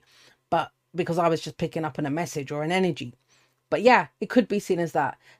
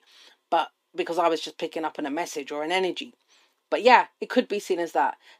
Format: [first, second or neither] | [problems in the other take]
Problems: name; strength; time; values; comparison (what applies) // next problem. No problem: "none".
first | thin; very slightly; fading below 250 Hz